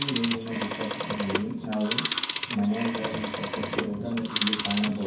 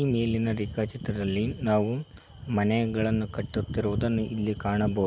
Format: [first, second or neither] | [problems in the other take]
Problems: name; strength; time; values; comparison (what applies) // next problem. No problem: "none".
second | background sound (Telephone); 2 dB below the speech // room echo; dies away in 0.6 s